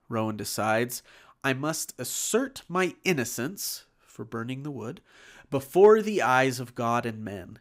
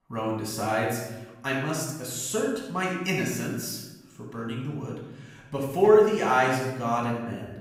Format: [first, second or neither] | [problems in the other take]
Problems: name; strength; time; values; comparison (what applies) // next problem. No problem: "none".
first | off-mic speech; far // room echo; noticeable; dies away in 1 s